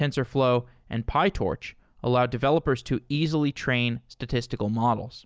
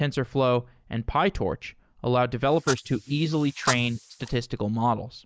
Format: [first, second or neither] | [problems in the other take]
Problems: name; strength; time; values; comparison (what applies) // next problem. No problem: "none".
first | noise reduction (neural mask model Resemble Enhance denoiser)